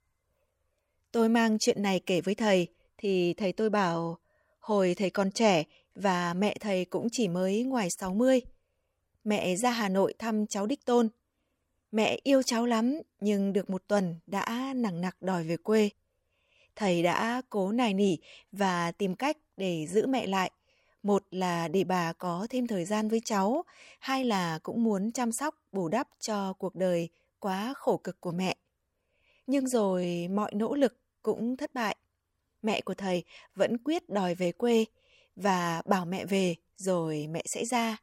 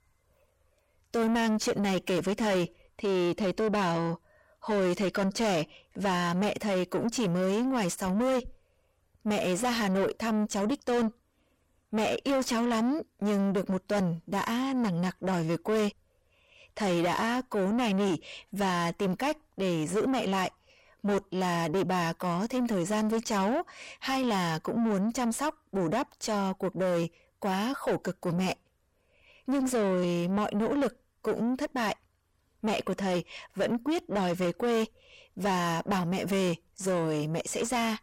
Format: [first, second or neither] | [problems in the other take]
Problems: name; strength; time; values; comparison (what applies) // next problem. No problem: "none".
first | distortion; heavy; 7 dB below the speech